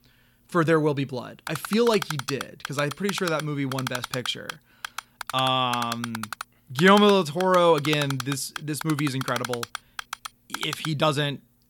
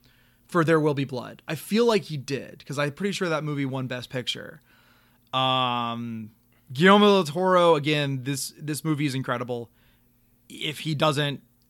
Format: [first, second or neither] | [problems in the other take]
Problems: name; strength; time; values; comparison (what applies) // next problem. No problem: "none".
second | keyboard typing; noticeable; from 1.5 to 11 s; peak 7 dB below the speech